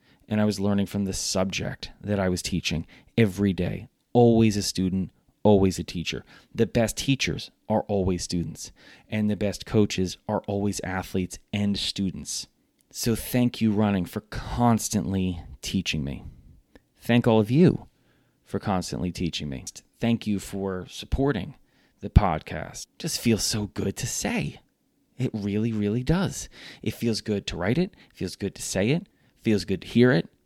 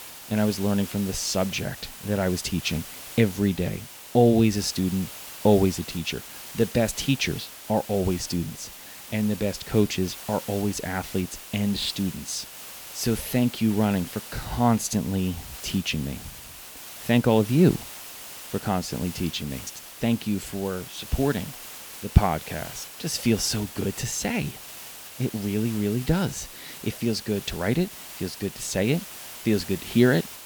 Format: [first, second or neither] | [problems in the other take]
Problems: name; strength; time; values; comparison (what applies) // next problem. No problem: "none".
first | hiss; noticeable; throughout; 15 dB below the speech